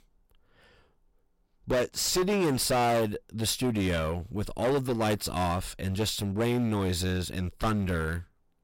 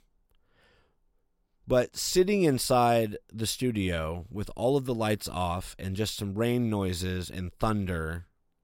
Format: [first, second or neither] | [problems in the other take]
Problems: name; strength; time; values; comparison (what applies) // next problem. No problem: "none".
second | distortion; heavy; 13% of the sound clipped